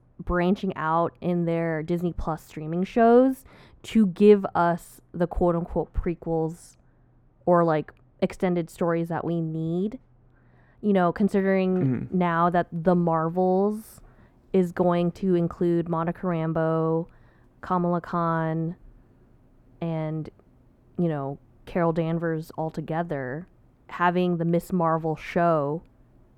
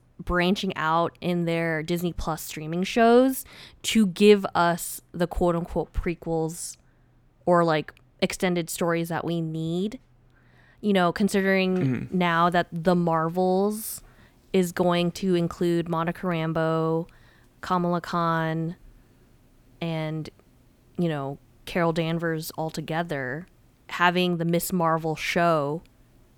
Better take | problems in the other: second | muffled; slightly; fading above 2 kHz

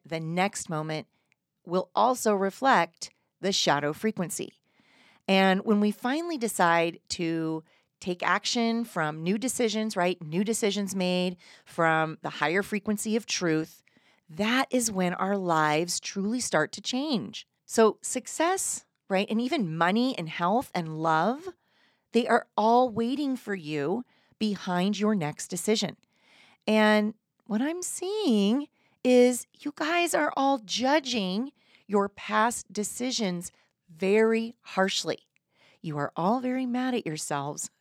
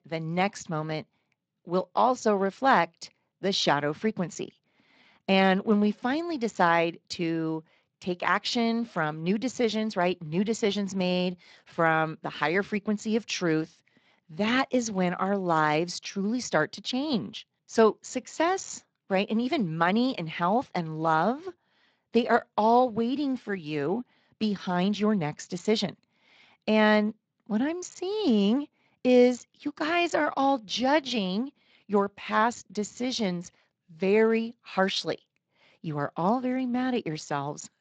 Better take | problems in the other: first | garbled, watery; slightly; nothing above 7.5 kHz

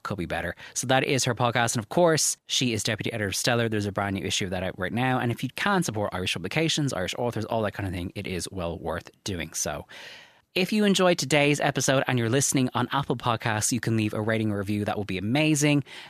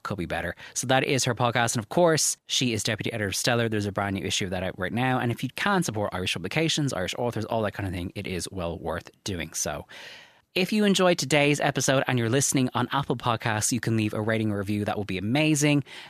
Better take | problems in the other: neither | none

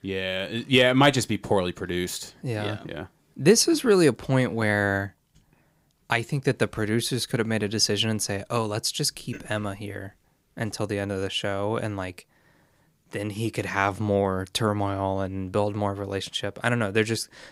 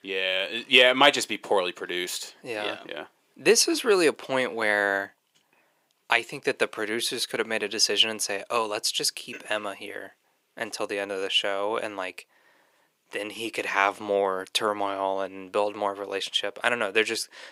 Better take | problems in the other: first | thin; somewhat; fading below 450 Hz

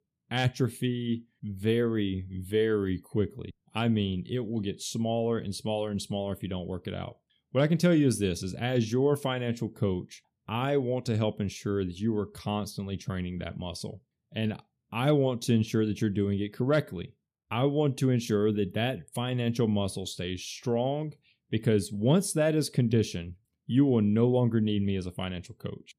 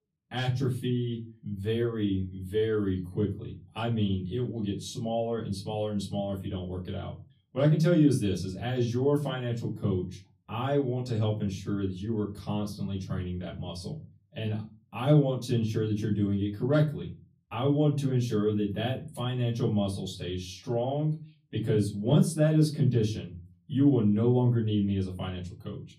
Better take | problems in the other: first | off-mic speech; far // room echo; very slight; dies away in 0.3 s

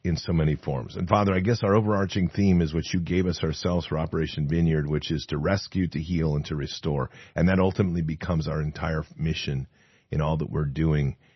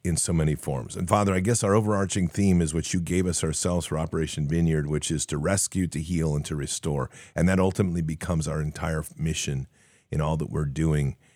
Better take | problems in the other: second | garbled, watery; slightly; nothing above 6 kHz

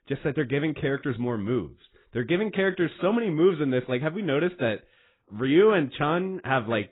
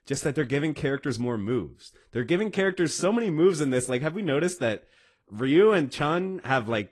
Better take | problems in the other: second | garbled, watery; badly; nothing above 4 kHz; slightly in the second

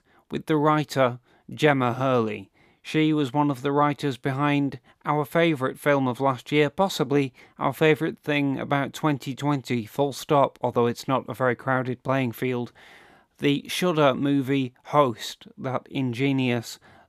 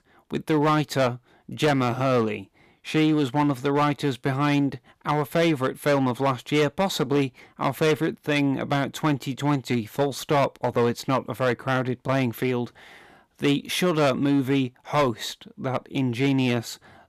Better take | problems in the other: first | distortion; slight; 6% of the sound clipped

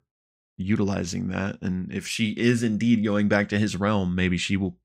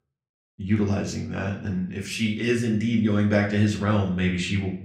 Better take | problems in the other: first | room echo; slight; dies away in 0.5 s // off-mic speech; somewhat distant

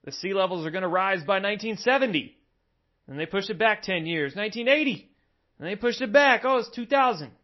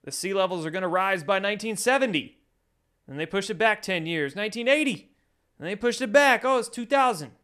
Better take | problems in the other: second | garbled, watery; slightly; nothing above 6 kHz

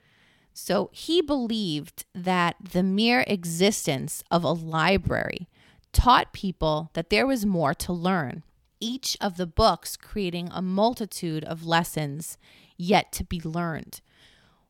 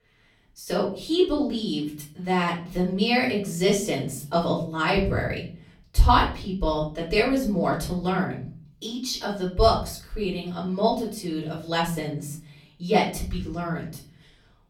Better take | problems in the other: first | off-mic speech; far // room echo; slight; dies away in 0.5 s

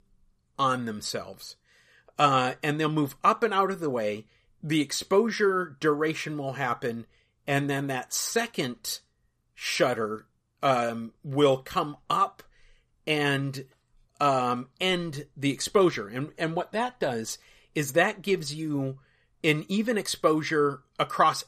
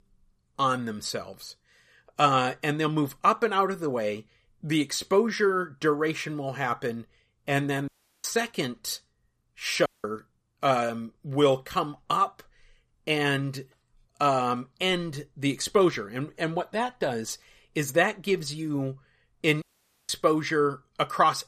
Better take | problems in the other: first | audio cutting out; at 8 s, at 10 s and at 20 s

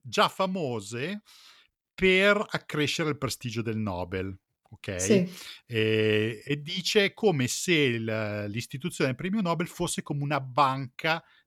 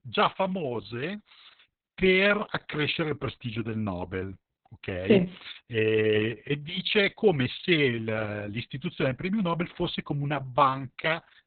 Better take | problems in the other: first | garbled, watery; badly; nothing above 4 kHz

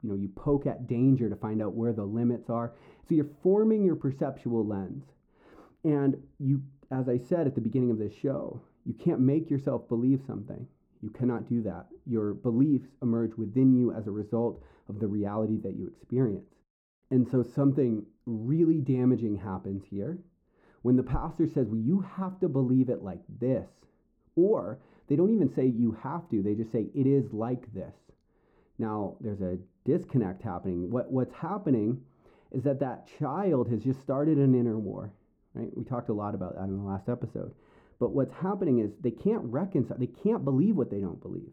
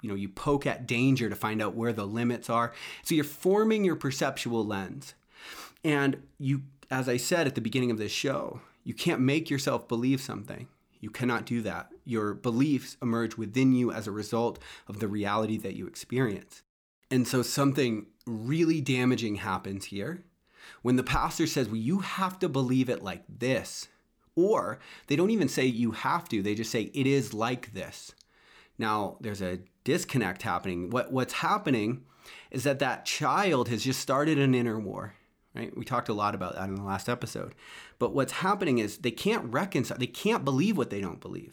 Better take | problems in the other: second | muffled; very; fading above 1.5 kHz

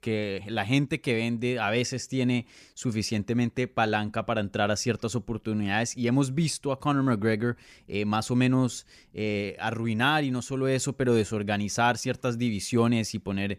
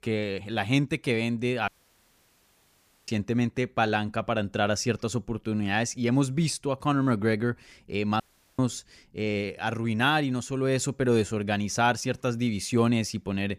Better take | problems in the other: first | audio cutting out; at 1.5 s for 1.5 s and at 8 s

